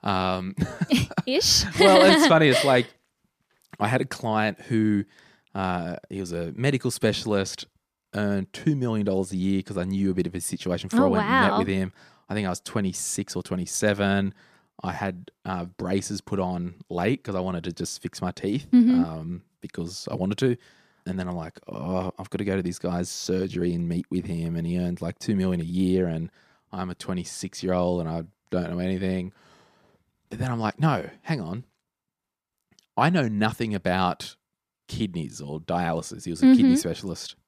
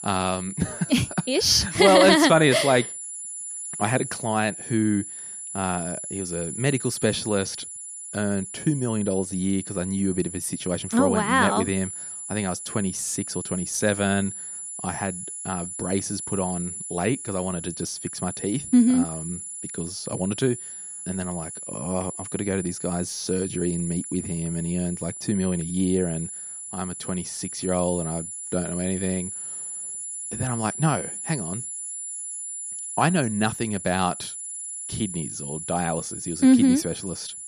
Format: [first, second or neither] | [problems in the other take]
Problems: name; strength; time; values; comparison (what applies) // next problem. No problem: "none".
first | high-pitched whine; loud; throughout; 10 kHz, 8 dB below the speech